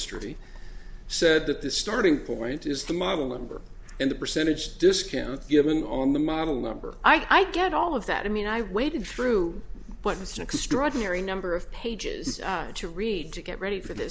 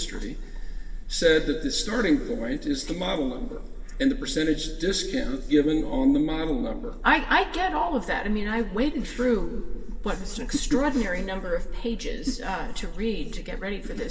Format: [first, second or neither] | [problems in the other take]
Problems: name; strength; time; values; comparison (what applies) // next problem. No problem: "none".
first | room echo; dies away in 2.7 s